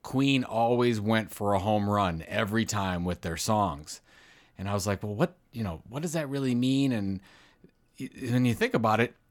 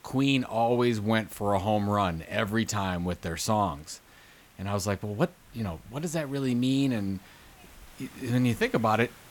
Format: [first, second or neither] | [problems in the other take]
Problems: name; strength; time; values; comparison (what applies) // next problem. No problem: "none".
first | hiss; faint; throughout; 25 dB below the speech